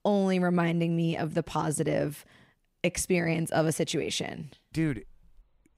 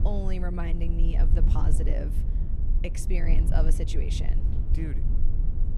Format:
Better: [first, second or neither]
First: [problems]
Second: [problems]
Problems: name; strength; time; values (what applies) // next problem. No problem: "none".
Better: first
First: none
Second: low rumble; loud; throughout; 6 dB below the speech